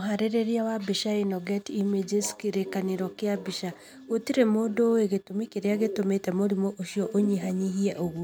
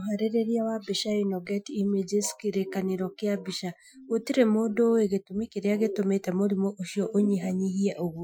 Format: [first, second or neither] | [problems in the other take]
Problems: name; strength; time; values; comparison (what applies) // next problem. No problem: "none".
first | noise reduction (classical method Wiener filter)